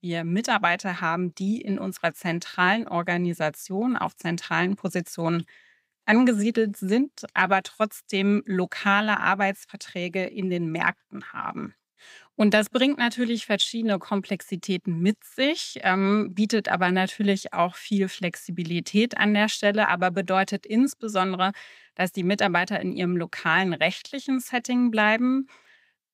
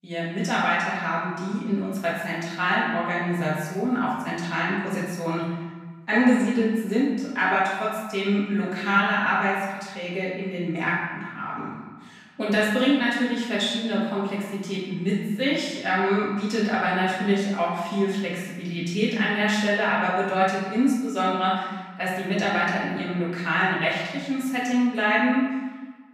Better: first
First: none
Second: off-mic speech; far // room echo; noticeable; dies away in 1.2 s

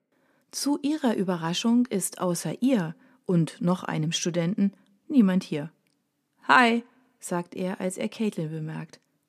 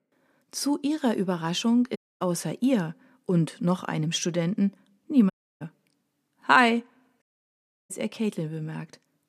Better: first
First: none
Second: audio cutting out; at 2 s, at 5.5 s and at 7 s for 0.5 s

